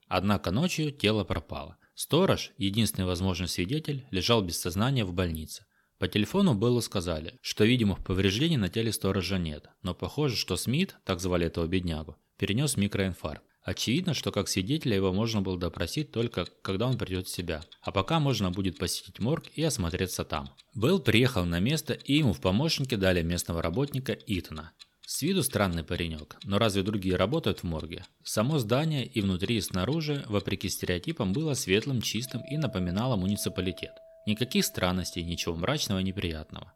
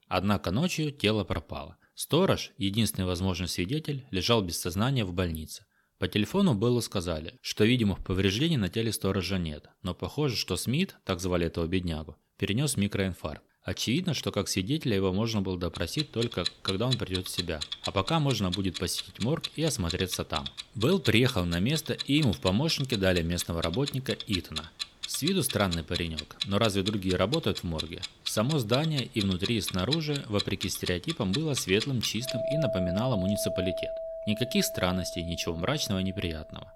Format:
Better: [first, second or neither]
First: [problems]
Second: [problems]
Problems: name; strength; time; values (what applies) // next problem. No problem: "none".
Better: first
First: household noises; faint; from 16 s on; 25 dB below the speech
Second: household noises; loud; from 16 s on; 7 dB below the speech